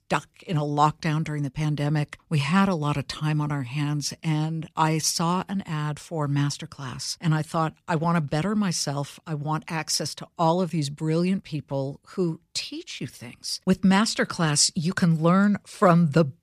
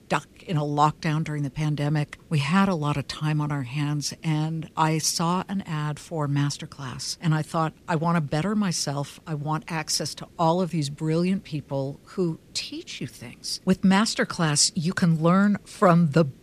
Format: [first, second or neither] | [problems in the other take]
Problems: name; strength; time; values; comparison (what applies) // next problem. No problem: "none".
first | hiss; faint; throughout; 30 dB below the speech